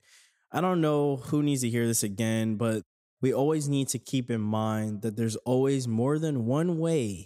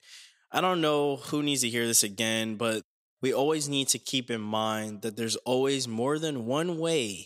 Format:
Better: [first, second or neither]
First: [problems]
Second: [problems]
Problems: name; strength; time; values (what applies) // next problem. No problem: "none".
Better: first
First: none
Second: thin; very slightly; fading below 1 kHz